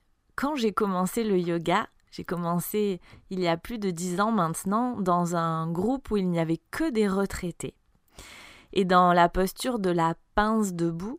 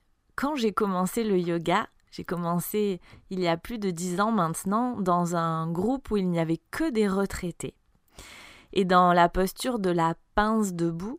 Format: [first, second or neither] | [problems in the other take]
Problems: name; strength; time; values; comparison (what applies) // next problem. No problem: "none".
neither | none